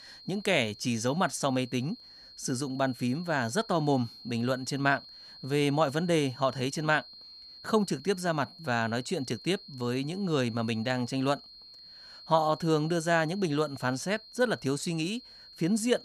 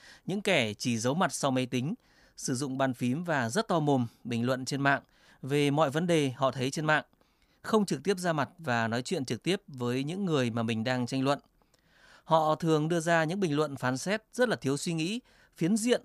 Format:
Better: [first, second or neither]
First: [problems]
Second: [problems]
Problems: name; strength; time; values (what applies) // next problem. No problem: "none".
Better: second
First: high-pitched whine; noticeable; throughout; 4 kHz, 20 dB below the speech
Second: none